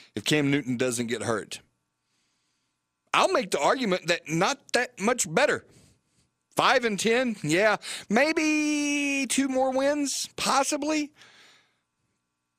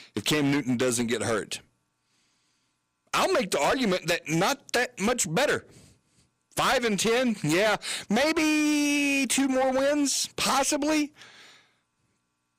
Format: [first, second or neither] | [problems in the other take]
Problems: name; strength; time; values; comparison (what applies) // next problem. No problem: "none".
first | distortion; heavy; 13% of the sound clipped